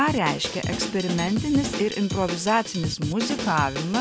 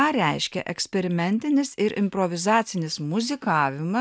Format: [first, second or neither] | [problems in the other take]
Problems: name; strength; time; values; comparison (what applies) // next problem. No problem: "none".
second | background sound (Drum kit); 6 dB below the speech